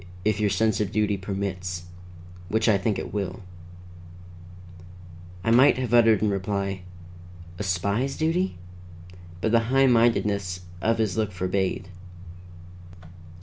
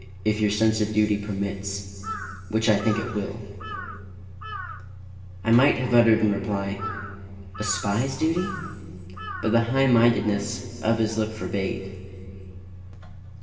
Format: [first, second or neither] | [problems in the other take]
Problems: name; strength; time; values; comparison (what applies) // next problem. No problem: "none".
first | background sound (Bird vocalization, bird call, bird song / Crow); 13 dB below the speech // room echo; dies away in 2.7 s